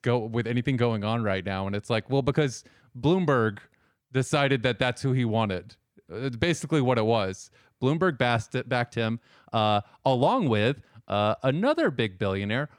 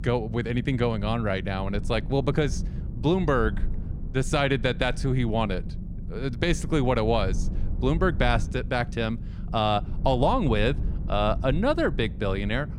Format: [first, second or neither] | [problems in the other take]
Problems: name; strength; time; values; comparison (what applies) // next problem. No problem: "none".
first | low rumble; noticeable; throughout; 20 dB below the speech